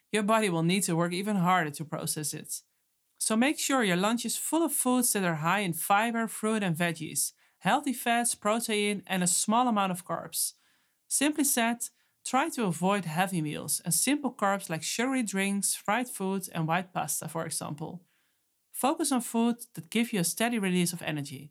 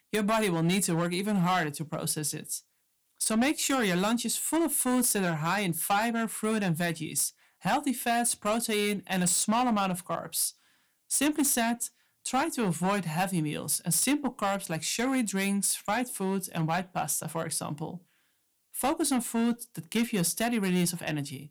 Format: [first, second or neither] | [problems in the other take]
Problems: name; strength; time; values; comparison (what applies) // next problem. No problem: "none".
first | distortion; slight; 6% of the sound clipped